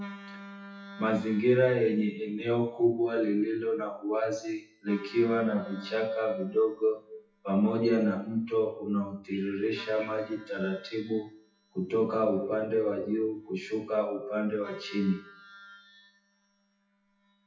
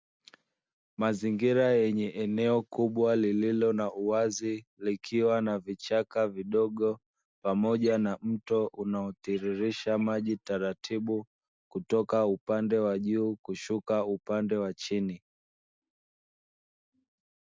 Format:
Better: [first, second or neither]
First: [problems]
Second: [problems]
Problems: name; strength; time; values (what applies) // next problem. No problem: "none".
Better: second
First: noise reduction (classical method WPE with log-MMSE)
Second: none